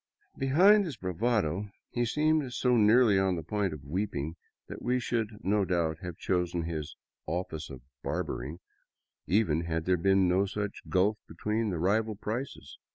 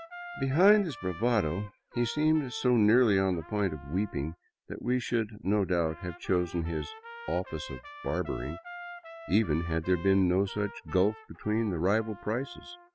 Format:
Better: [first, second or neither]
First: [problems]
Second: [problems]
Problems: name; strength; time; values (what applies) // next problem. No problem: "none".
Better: first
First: none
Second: background sound (Trumpet); 18 dB below the speech